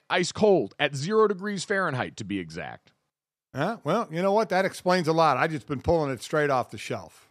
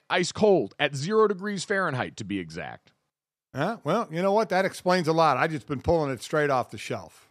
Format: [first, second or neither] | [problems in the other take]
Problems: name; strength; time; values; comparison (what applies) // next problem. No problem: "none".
neither | none